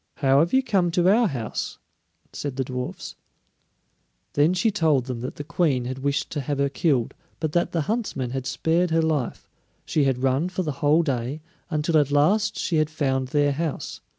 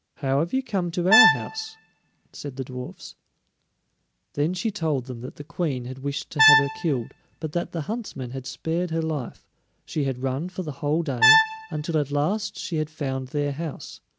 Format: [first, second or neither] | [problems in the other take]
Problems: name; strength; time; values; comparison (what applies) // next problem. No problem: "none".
first | background sound (Brass instrument); 3 dB above the speech